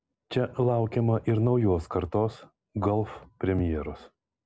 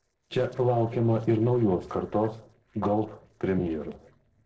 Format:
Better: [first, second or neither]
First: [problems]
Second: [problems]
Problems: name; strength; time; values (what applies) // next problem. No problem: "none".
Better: first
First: none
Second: noise reduction (neural separator model SepFormer DNS4)